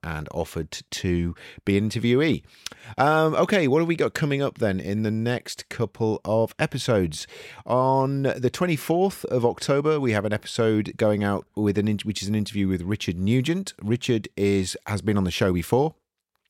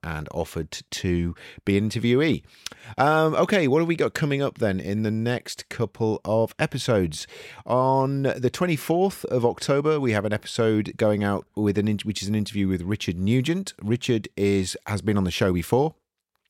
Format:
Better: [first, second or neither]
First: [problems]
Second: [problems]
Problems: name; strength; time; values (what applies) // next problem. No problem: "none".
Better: neither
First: none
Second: none